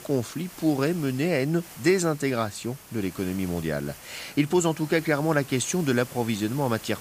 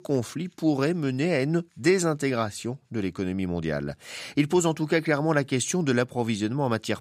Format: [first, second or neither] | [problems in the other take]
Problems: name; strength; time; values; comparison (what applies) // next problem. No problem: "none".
second | hiss; noticeable; throughout; 15 dB below the speech